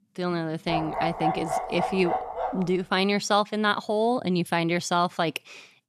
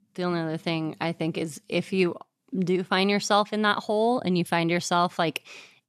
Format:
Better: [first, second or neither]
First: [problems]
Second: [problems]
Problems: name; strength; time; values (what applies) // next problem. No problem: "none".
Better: second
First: dog barking; noticeable; from 0.5 to 2.5 s; peak 1 dB below the speech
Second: none